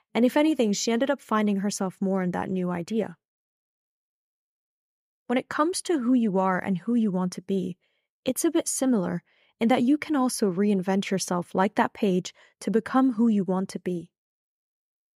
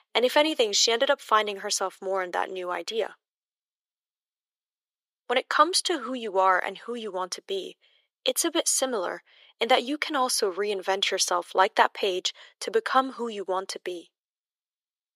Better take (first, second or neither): first